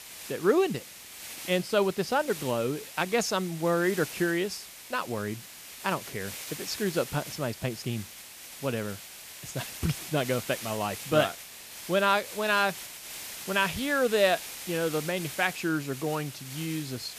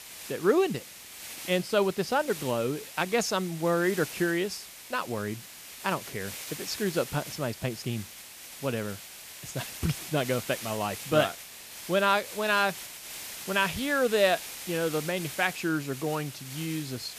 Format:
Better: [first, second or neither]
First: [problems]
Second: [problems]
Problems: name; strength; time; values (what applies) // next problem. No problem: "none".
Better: neither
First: hiss; noticeable; throughout; 10 dB below the speech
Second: hiss; noticeable; throughout; 10 dB below the speech